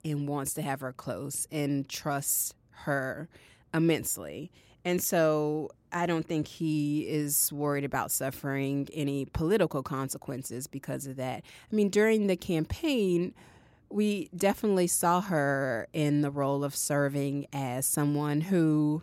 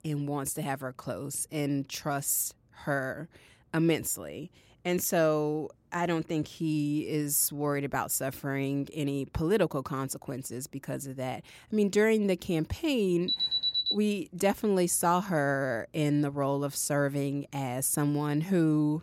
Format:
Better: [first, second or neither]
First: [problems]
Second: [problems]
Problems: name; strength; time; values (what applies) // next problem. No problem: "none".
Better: first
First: none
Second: alarm; loud; at 13 s; peak 4 dB above the speech